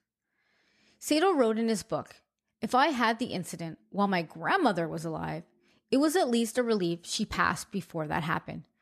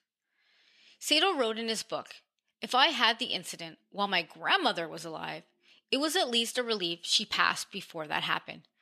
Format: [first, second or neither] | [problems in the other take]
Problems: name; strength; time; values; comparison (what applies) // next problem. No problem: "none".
first | thin; very slightly; fading below 550 Hz